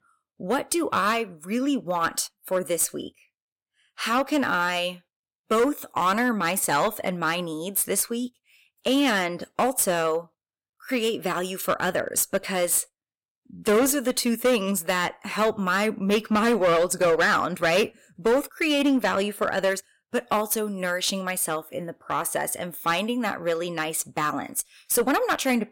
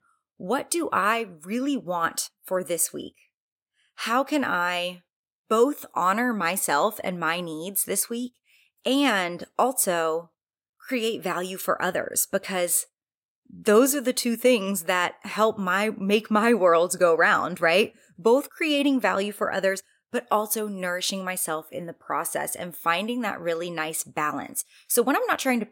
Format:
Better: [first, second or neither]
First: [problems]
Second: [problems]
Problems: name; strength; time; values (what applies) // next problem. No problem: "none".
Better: second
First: distortion; slight; 5% of the sound clipped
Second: none